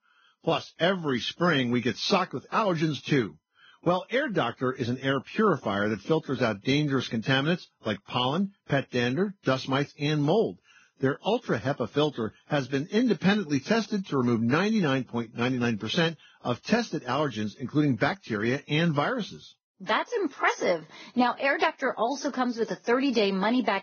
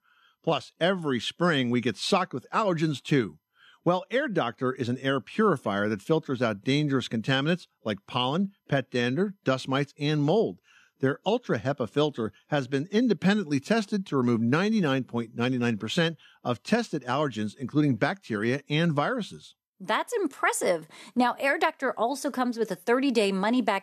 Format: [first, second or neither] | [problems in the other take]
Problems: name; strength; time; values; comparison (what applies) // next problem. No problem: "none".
second | garbled, watery; badly; nothing above 6.5 kHz